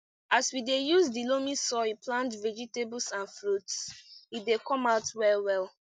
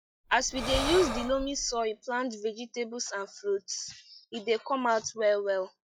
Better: first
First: none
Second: noise reduction (classical method log-MMSE)

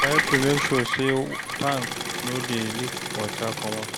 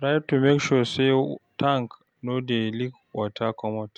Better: second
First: background sound (Engine / Mechanisms + Bird vocalization, bird call, bird song); 1 dB below the speech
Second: none

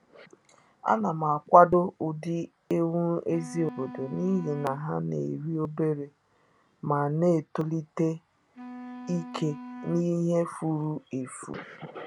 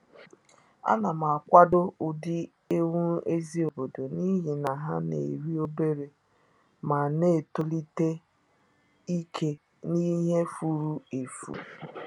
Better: second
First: background sound (Wind instrument, woodwind instrument); 16 dB below the speech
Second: none

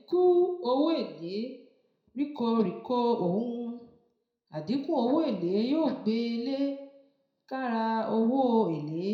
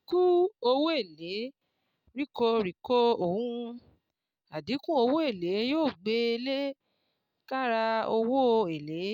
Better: second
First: room echo; dies away in 0.6 s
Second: none

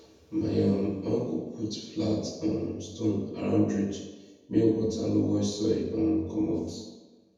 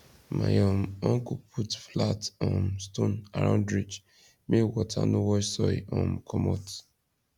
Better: second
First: room echo; dies away in 1.1 s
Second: none

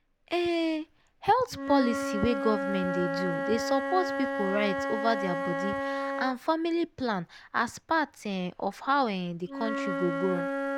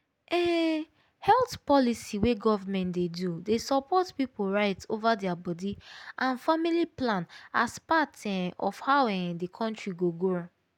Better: second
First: background sound (Wind instrument, woodwind instrument); 4 dB below the speech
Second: none

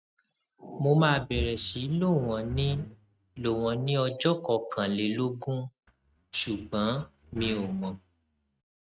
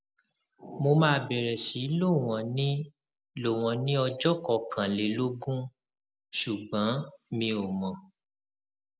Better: second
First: noise reduction (neural mask model RNNoise)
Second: none

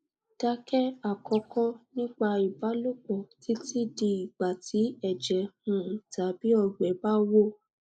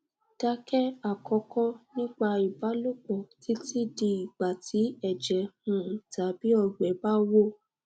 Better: second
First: noise reduction (neural mask model Resemble Enhance denoiser)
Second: none

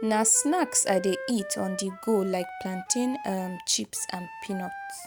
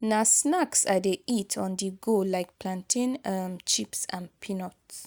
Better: second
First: background sound (Wind instrument, woodwind instrument); 12 dB below the speech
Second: none

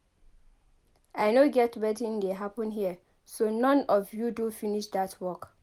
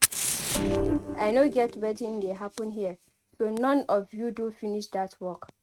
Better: first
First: none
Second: noise reduction (neural mask model RNNoise)

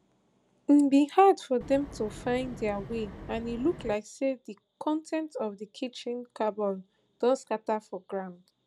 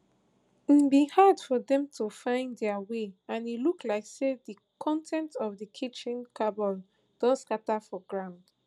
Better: second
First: background sound (Wind); 14 dB below the speech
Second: none

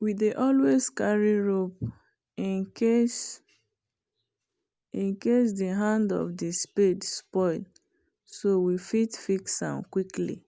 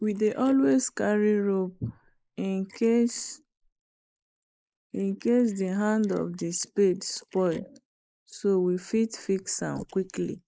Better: first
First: none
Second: noise reduction (neural mask model Resemble Enhance denoiser)

